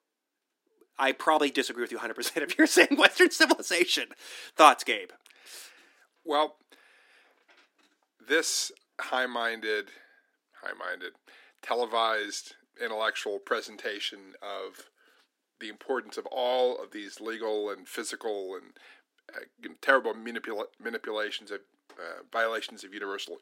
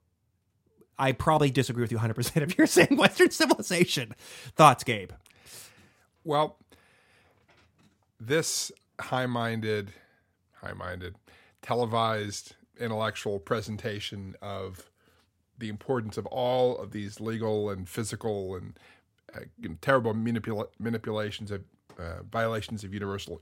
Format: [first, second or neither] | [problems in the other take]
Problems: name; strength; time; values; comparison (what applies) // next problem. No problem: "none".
second | thin; somewhat; fading below 300 Hz